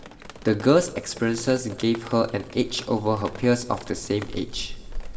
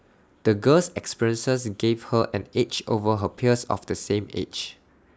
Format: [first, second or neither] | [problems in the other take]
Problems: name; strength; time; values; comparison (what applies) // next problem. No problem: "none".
second | background sound (Drip); 13 dB below the speech // room echo; dies away in 2.8 s